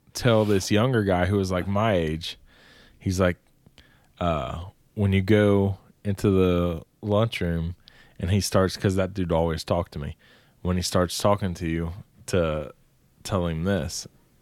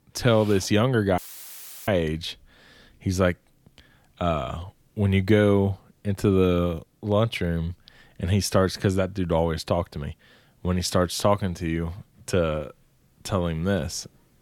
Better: first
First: none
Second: audio cutting out; filled with static; at 1 s for 0.5 s

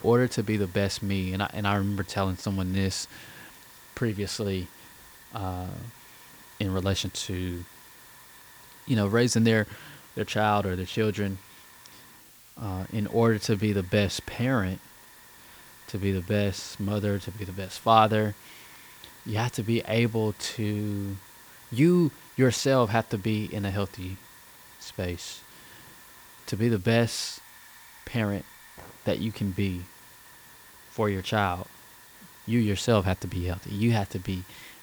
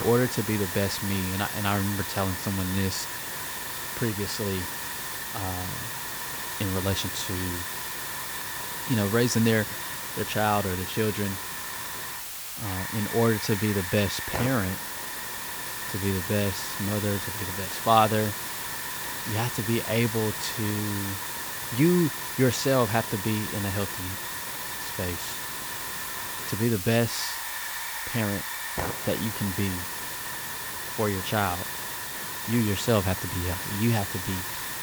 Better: first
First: hiss; faint; throughout; 20 dB below the speech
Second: hiss; loud; throughout; 3 dB below the speech

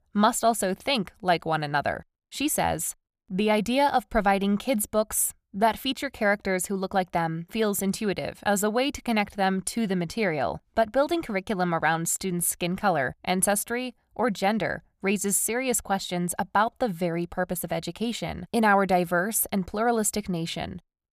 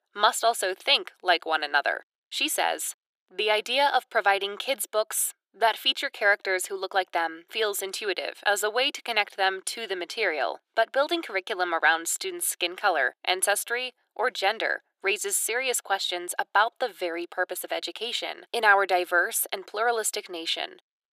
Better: first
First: none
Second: thin; very; fading below 350 Hz

